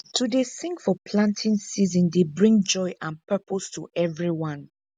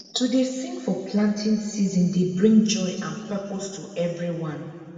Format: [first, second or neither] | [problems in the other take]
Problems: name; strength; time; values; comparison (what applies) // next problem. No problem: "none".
first | room echo; dies away in 2.3 s